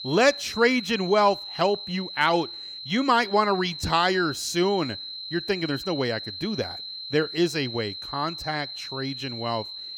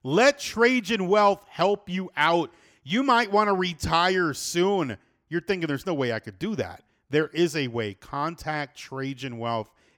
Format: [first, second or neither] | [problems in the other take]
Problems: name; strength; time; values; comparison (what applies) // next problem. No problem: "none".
second | high-pitched whine; loud; throughout; 4 kHz, 9 dB below the speech